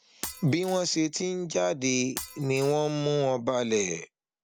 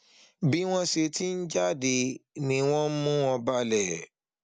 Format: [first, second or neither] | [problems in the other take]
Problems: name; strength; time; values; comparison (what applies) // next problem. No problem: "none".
second | background sound (Shatter); 16 dB below the speech